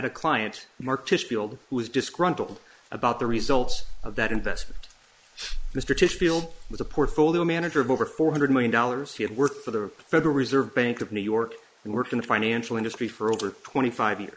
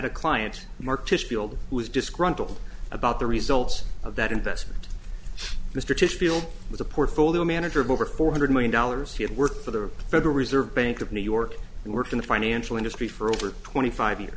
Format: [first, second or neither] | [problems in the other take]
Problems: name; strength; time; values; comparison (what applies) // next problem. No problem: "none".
second | noise reduction (neural mask model Resemble Enhance denoiser)